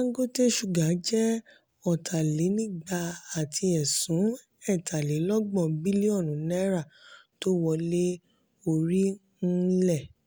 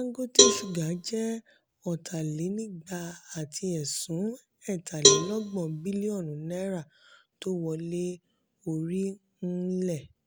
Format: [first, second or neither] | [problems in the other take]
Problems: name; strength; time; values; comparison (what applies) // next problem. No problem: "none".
first | background sound (Cowbell); 4 dB above the speech